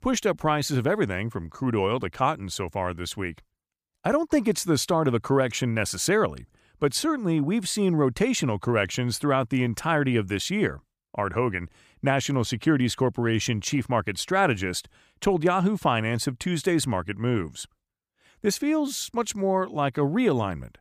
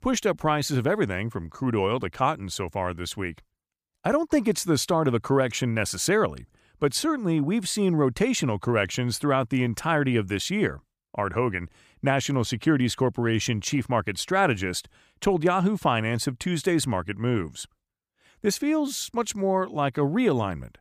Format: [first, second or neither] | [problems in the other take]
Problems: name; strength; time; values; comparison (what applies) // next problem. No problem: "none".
neither | none